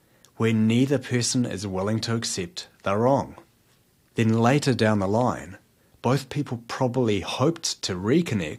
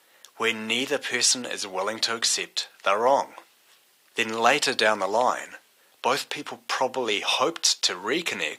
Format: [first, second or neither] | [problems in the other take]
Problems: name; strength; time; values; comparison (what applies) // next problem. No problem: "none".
first | thin; very; fading below 650 Hz